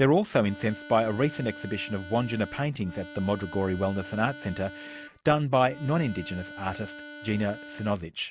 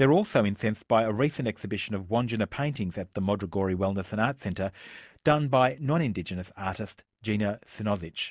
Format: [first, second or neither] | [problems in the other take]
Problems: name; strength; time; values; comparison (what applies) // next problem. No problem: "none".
second | background sound (Harmonica); 15 dB below the speech